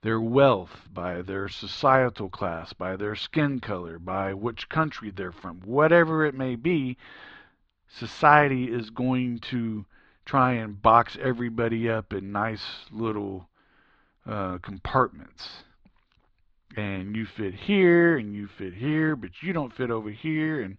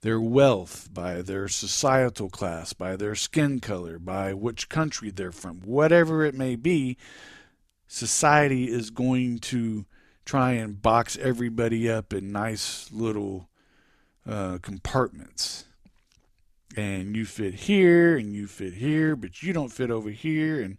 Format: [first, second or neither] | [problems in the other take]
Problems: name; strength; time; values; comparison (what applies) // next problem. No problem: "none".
second | muffled; slightly; fading above 4 kHz